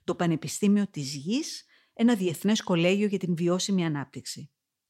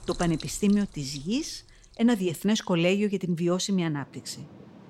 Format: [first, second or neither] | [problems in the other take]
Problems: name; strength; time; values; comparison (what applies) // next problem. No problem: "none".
first | rain or running water; noticeable; throughout; 20 dB below the speech